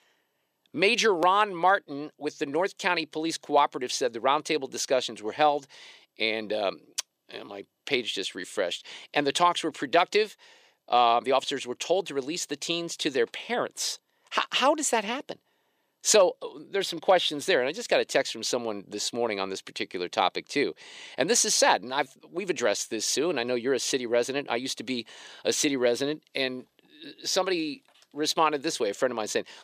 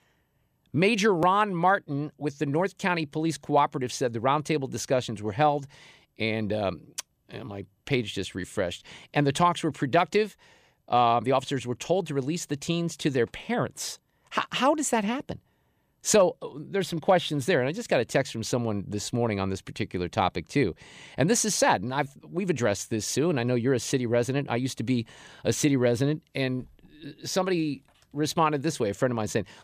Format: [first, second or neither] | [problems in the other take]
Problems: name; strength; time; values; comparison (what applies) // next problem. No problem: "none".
second | thin; somewhat; fading below 400 Hz